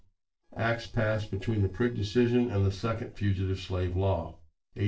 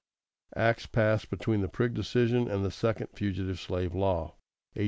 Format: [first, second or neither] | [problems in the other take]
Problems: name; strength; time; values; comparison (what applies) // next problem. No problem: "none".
second | noise reduction (neural separator model SepFormer DNS4)